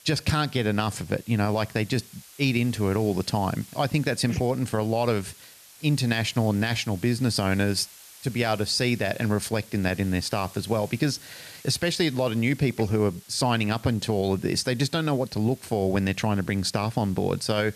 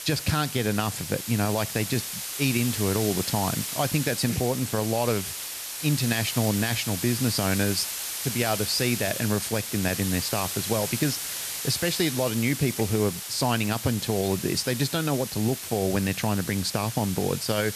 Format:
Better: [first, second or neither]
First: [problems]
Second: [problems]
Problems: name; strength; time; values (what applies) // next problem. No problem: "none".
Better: first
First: hiss; faint; throughout; 20 dB below the speech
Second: hiss; loud; throughout; 4 dB below the speech